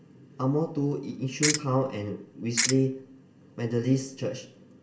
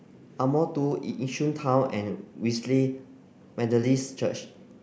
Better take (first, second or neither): second